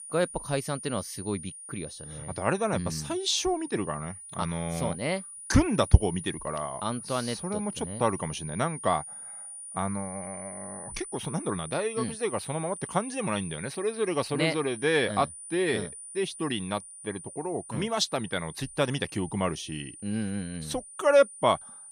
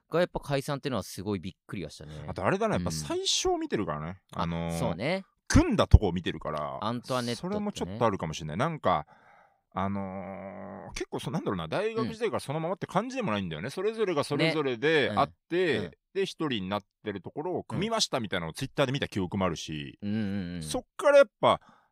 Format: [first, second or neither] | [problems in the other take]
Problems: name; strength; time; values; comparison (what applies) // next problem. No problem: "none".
second | high-pitched whine; noticeable; throughout; 9.5 kHz, 10 dB below the speech